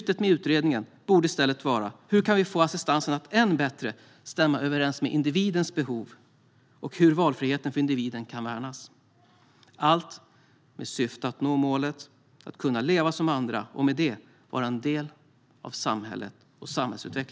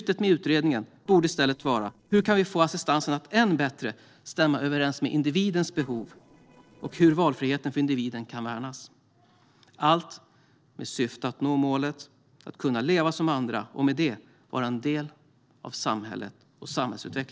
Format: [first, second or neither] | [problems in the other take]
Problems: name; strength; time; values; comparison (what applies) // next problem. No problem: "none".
first | noise reduction (neural separator model SepFormer DNS4)